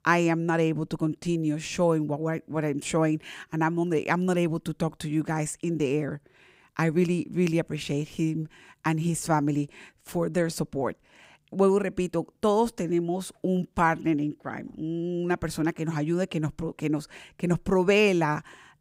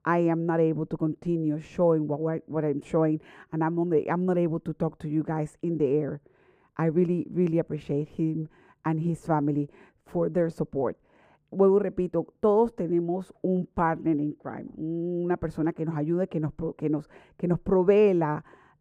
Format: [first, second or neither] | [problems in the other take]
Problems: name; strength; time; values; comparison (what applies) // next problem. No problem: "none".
first | muffled; very; fading above 2 kHz